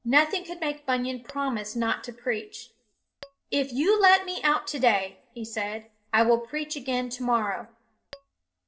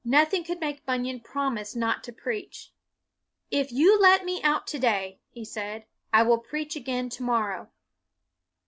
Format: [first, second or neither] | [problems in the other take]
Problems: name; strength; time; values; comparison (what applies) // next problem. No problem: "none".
second | noise reduction (neural separator model SepFormer DNS4)